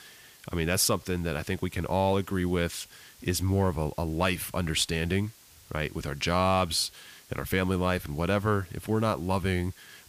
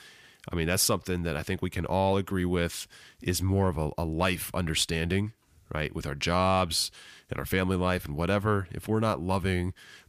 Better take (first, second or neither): second